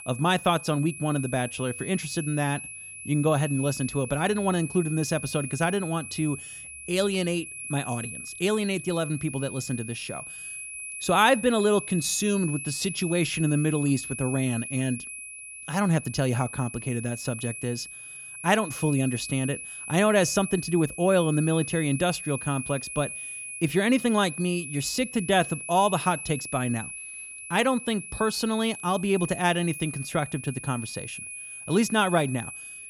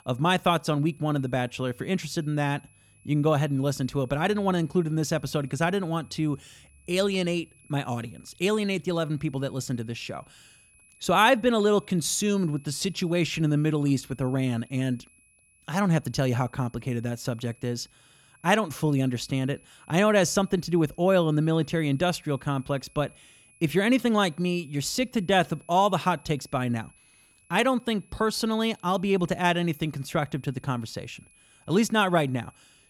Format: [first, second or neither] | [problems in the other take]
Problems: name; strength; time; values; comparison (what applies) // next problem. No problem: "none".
second | high-pitched whine; loud; throughout; 2.5 kHz, 9 dB below the speech; faint in the second